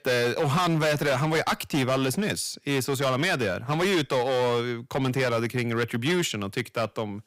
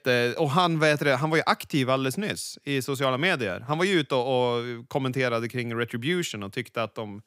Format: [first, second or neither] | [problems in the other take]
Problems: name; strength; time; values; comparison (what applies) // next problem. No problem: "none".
second | distortion; heavy; 15% of the sound clipped